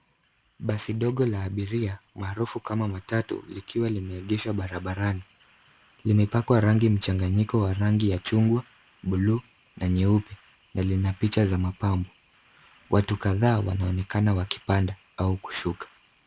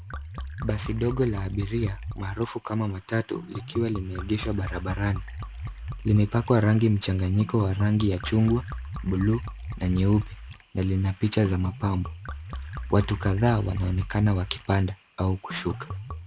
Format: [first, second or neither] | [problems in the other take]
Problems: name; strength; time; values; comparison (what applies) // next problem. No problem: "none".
first | background sound (Liquid); 11 dB below the speech